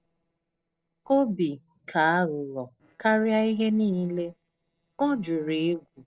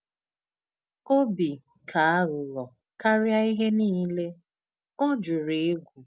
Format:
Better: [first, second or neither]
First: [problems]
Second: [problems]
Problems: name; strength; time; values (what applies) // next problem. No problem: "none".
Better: second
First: noise reduction (neural separator model SepFormer DNS4)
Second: none